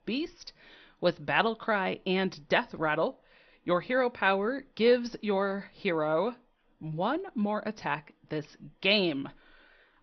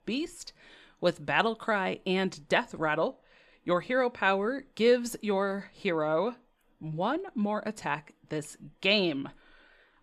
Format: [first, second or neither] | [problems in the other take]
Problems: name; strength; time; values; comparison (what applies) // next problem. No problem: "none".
second | garbled, watery; slightly; nothing above 6 kHz